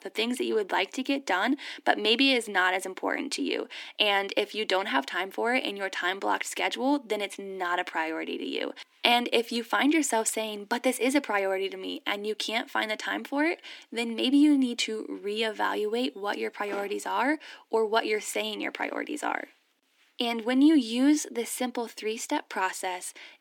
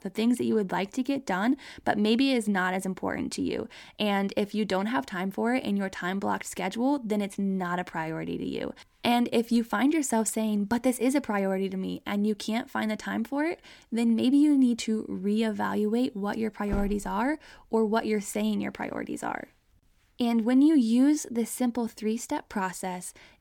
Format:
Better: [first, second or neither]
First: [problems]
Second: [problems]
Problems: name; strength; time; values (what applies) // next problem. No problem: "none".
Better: second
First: thin; very slightly; fading below 300 Hz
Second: none